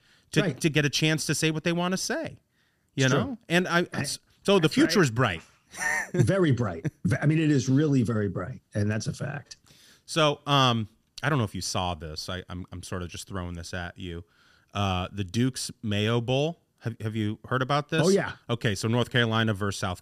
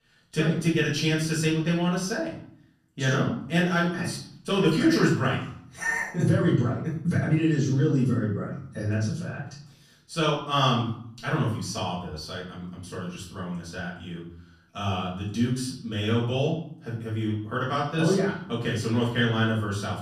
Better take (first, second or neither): first